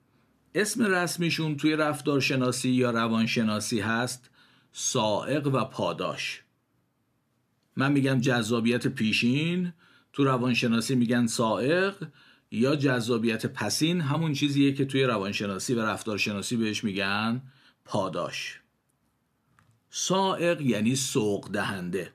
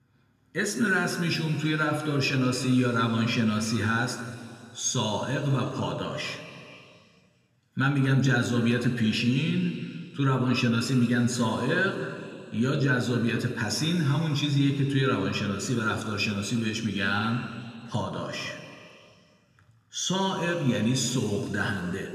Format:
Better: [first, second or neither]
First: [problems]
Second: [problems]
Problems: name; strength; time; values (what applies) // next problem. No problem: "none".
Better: first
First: none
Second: room echo; slight; dies away in 2.5 s